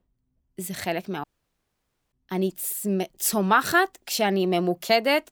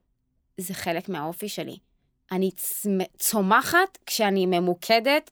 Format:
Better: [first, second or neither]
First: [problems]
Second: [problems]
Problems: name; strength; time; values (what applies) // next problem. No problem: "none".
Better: second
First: audio cutting out; at 1 s for 1 s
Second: none